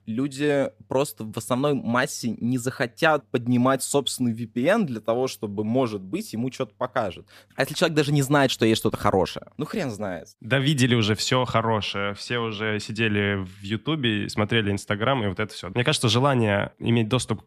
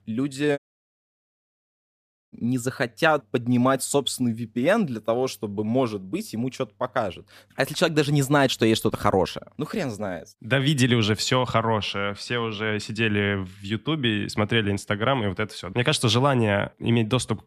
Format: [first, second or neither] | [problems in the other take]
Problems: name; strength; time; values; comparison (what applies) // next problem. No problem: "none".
first | audio cutting out; at 0.5 s for 1.5 s